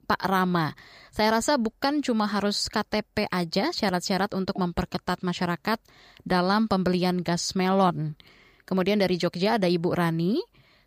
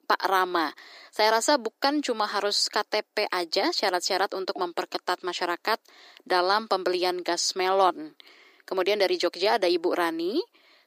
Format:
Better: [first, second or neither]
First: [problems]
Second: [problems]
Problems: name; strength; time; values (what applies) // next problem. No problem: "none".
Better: first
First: none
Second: thin; very; fading below 300 Hz